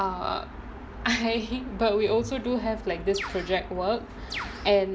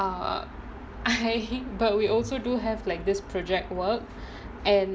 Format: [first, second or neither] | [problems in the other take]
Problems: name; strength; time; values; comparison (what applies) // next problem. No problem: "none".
second | background sound (Bird); 9 dB below the speech